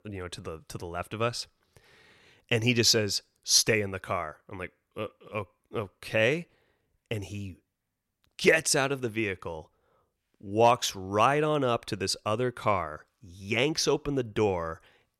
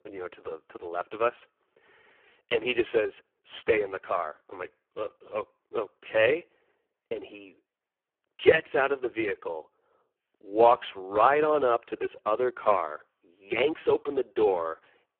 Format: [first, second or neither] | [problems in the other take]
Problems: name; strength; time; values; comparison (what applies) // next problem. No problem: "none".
first | phone-call audio; poor line